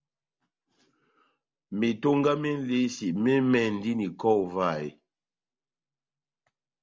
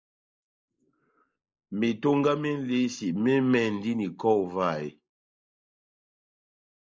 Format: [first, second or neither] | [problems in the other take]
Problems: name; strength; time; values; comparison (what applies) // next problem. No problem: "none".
first | noise reduction (neural mask model Resemble Enhance denoiser)